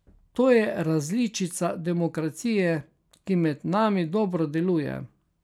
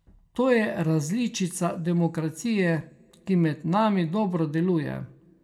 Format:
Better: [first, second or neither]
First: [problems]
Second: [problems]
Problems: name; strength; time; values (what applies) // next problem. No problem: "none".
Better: first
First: none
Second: room echo; dies away in 0.4 s